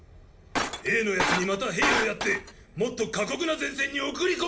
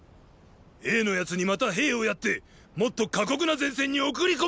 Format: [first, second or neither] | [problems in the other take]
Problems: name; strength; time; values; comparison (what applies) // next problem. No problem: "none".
second | background sound (Shatter); 1 dB below the speech // room echo; dies away in 0.5 s